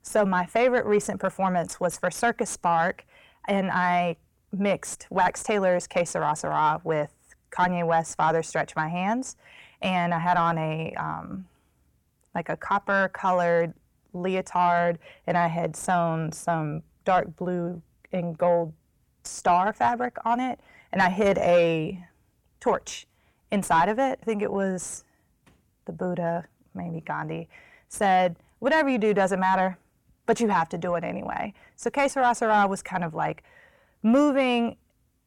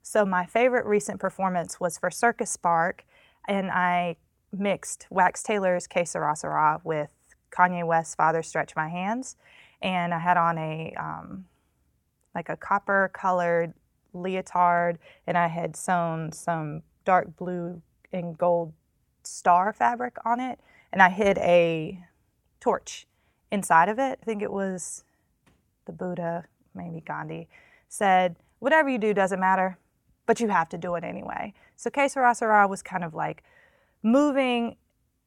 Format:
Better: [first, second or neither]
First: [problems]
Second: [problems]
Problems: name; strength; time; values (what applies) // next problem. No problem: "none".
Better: second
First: distortion; slight; 10 dB below the speech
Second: none